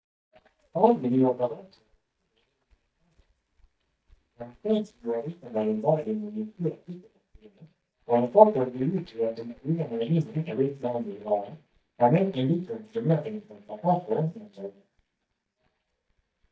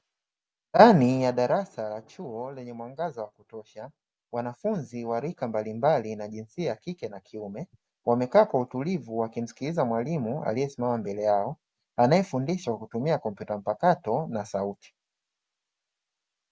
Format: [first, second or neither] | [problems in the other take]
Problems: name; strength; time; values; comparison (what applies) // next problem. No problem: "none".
second | noise reduction (neural mask model DeepFilterNet 3)